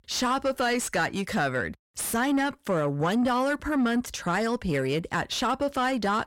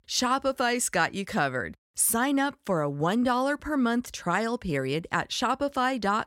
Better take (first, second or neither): second